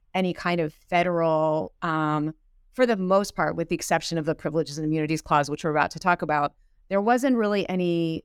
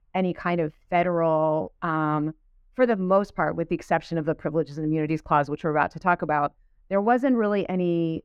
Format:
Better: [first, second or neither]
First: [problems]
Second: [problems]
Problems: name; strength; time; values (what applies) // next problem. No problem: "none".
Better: first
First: none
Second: muffled; very; fading above 3.5 kHz